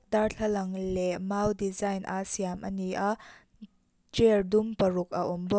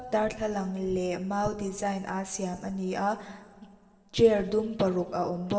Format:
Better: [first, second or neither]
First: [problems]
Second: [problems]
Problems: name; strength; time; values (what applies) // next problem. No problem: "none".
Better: first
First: none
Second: room echo; dies away in 1.9 s